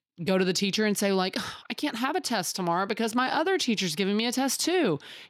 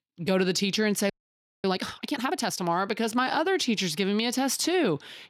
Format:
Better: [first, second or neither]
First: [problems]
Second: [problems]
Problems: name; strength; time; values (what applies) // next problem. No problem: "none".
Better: first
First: none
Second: audio freezing; at 1 s for 0.5 s